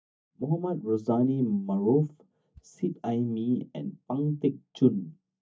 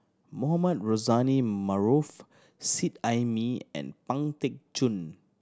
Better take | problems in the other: second | noise reduction (neural mask model DeepFilterNet 3)

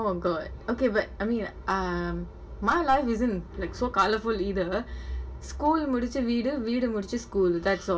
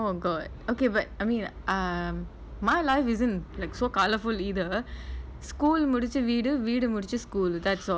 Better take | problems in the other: second | room echo; dies away in 0.2 s

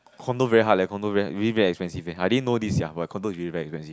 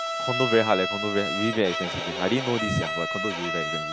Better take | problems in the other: first | background sound (Bowed string instrument); 3 dB below the speech

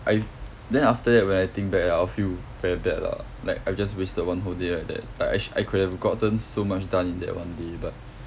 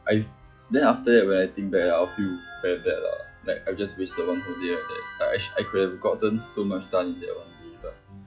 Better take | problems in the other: first | noise reduction (classical method log-MMSE)

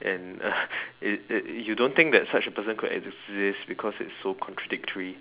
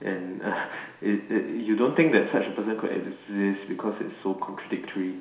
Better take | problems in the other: first | room echo; dies away in 0.7 s

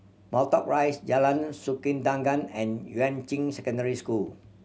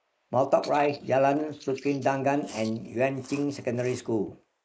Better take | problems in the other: first | noise reduction (neural mask model Resemble Enhance denoiser)

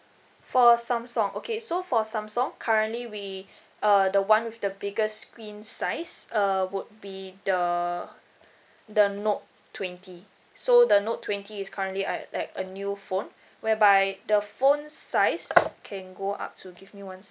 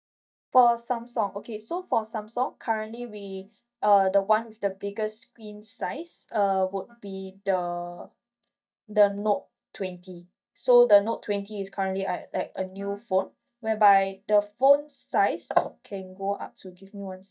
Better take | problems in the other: first | noise reduction (neural mask model DeepFilterNet 3)

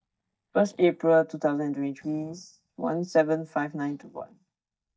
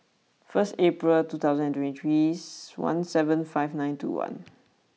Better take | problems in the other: second | noise reduction (neural mask model DeepFilterNet 3)

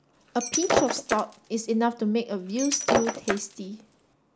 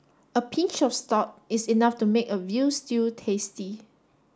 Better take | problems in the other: second | background sound (Shatter); 1 dB below the speech

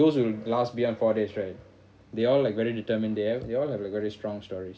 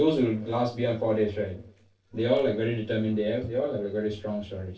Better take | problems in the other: first | noise reduction (neural separator model SepFormer DNS4)

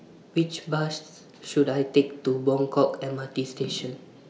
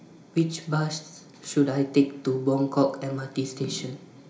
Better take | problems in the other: first | room echo; dies away in 0.4 s

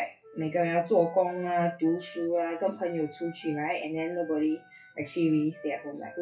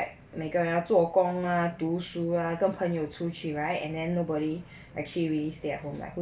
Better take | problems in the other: second | noise reduction (classical method WPE with log-MMSE)

